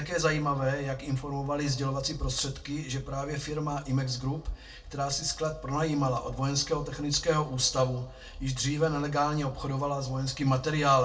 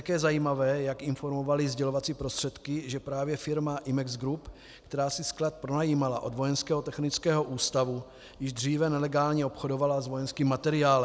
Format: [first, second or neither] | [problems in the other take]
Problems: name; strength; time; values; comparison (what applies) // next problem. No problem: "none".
second | room echo; dies away in 0.2 s